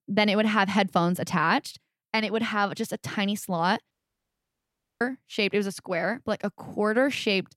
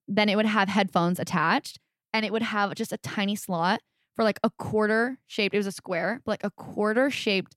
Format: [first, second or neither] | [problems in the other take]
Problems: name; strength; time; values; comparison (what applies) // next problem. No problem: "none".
second | audio cutting out; at 4 s for 1 s